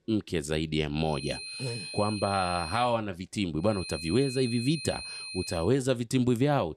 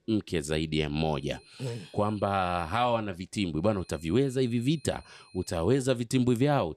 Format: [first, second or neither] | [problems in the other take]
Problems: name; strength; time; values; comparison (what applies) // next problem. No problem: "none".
second | high-pitched whine; loud; from 1 to 3 s and from 3.5 to 5.5 s; 4 kHz, 9 dB below the speech; faint in the second